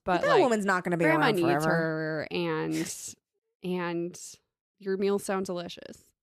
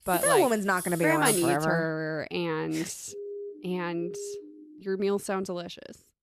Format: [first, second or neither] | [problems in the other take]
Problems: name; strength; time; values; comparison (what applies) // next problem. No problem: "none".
first | jangling keys; noticeable; until 1.5 s; peak 1 dB below the speech // siren; faint; from 3 to 5 s; peak 10 dB below the speech